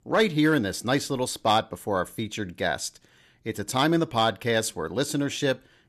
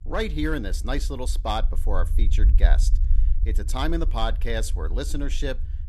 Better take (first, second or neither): first